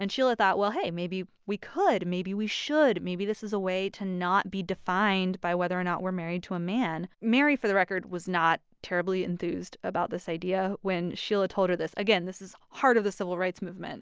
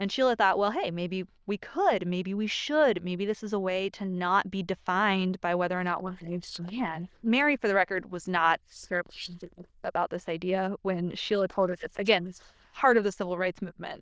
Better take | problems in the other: first | noise reduction (neural diffusion model UNIVERSE++)

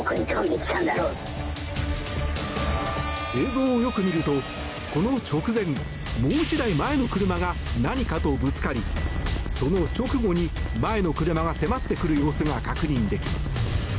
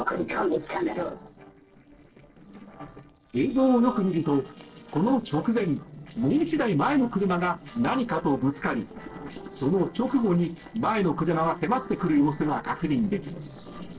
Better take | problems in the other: first | noise reduction (neural separator model SepFormer DNS4)

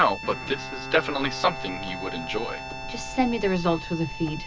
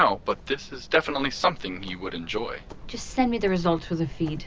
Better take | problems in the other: second | background sound (Bowed string instrument + Harmonica); 10 dB below the speech

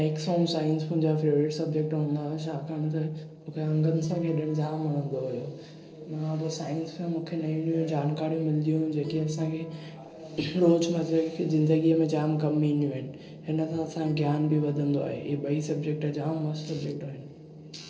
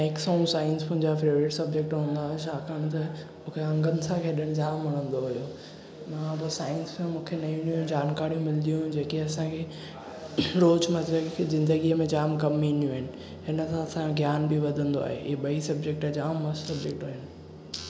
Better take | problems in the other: second | noise reduction (neural separator model SepFormer DNS4)

